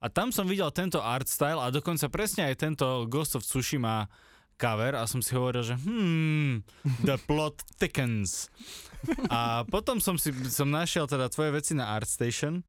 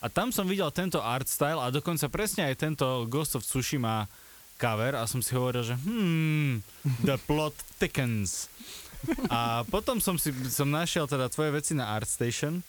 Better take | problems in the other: first | hiss; noticeable; throughout; 20 dB below the speech

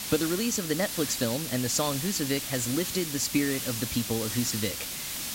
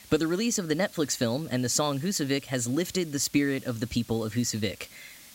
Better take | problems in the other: second | hiss; loud; throughout; 3 dB below the speech; faint in the second

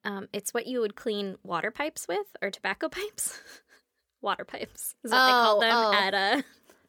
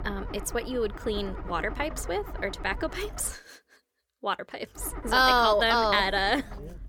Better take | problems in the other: first | low rumble; noticeable; until 3.5 s and from 5 s on; 20 dB below the speech

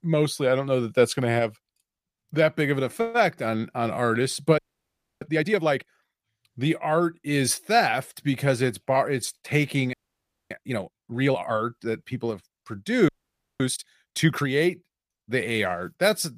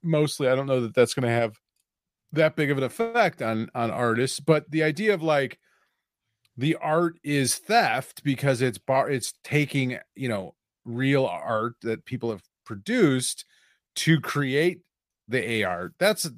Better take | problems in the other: second | audio freezing; at 4.5 s for 0.5 s, at 10 s for 0.5 s and at 13 s for 0.5 s

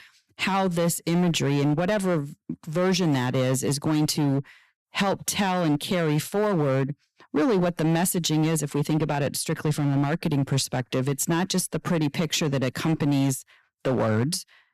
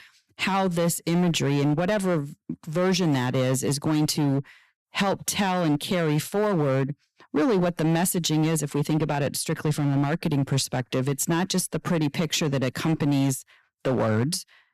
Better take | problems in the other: neither | distortion; slight; 11% of the sound clipped; the same in both

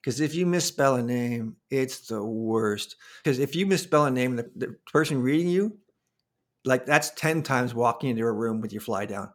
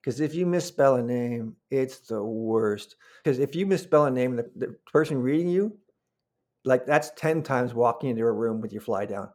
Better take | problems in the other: first | muffled; slightly; fading above 2 kHz

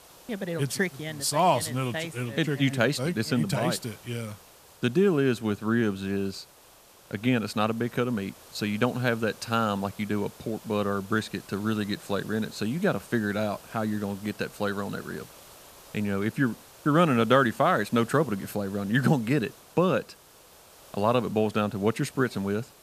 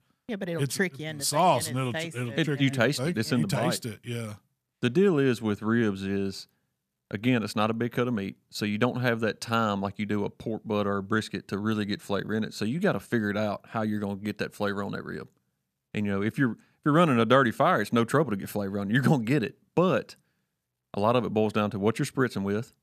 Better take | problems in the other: second | hiss; faint; throughout; 20 dB below the speech

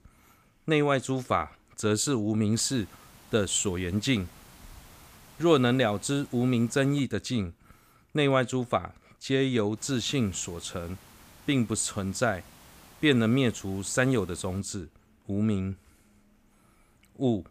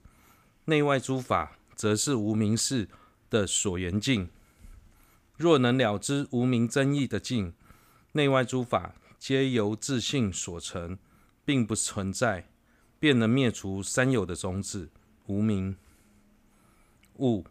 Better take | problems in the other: second | hiss; faint; from 2.5 to 7 s and from 10 to 15 s; 25 dB below the speech

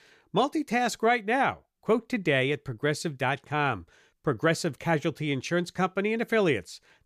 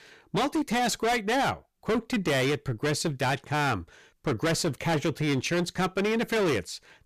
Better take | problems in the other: first | distortion; heavy; 22% of the sound clipped

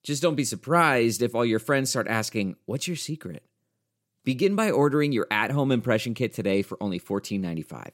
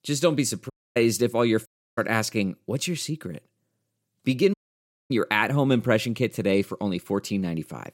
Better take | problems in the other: first | audio cutting out; at 0.5 s, at 1.5 s and at 4.5 s for 0.5 s

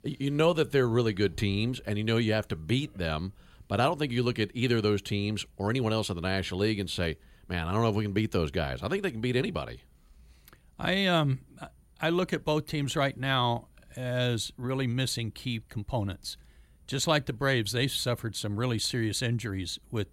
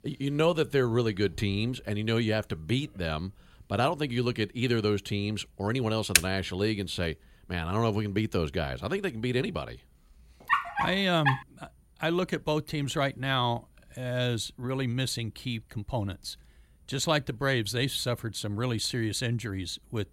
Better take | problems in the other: first | keyboard typing; very faint; at 6 s; peak 5 dB above the speech // dog barking; loud; at 10 s; peak 3 dB above the speech

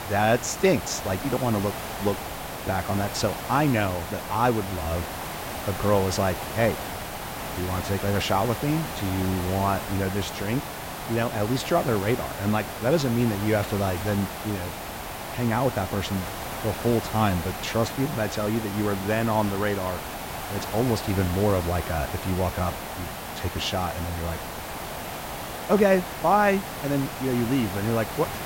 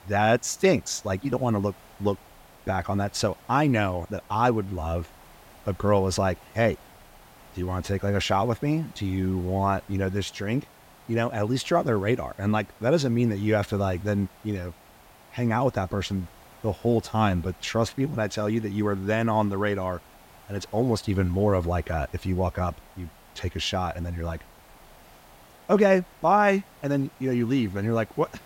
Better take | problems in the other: second | hiss; loud; throughout; 7 dB below the speech; faint in the second

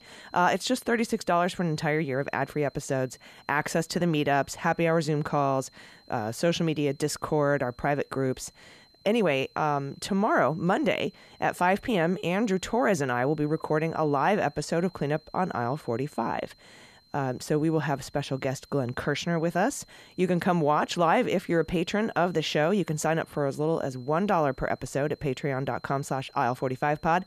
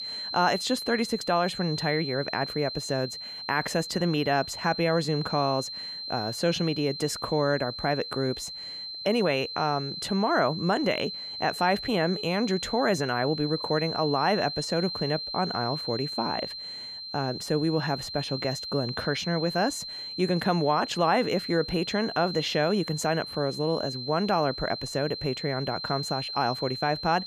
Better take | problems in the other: first | high-pitched whine; loud; throughout; 4 kHz, 7 dB below the speech; faint in the first

